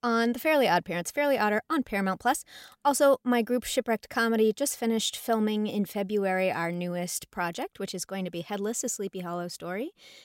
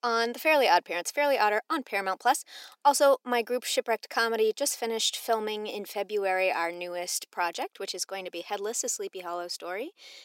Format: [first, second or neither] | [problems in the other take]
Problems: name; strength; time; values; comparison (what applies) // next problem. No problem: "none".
first | thin; somewhat; fading below 300 Hz